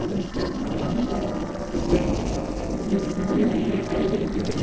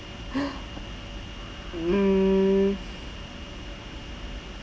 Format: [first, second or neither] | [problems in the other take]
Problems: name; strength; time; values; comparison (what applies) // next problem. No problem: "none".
second | noise reduction (neural separator model SepFormer DNS4)